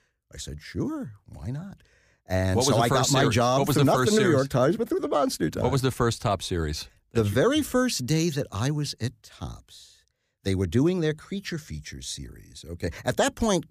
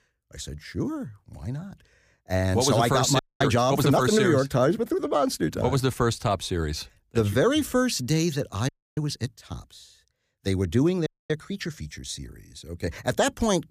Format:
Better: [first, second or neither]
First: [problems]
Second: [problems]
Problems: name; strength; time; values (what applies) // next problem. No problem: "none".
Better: first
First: none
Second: audio freezing; at 3 s, at 8.5 s and at 11 s